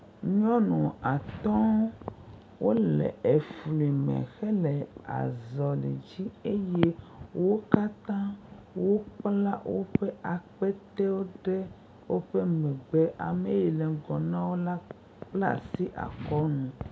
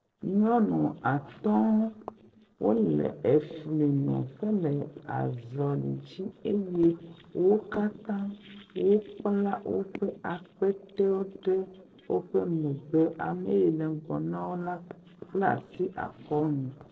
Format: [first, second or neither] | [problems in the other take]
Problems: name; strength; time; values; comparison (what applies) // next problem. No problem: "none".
first | noise reduction (neural separator model SepFormer DNS4)